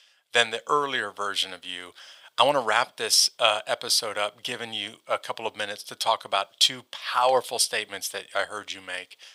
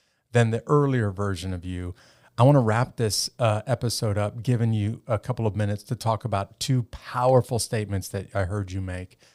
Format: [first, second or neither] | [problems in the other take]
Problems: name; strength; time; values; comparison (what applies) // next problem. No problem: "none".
second | thin; very; fading below 800 Hz